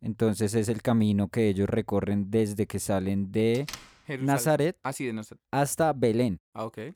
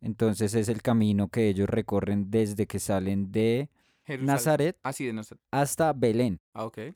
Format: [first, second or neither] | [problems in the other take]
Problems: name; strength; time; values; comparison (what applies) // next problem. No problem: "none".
second | door banging; faint; at 3.5 s; peak 15 dB below the speech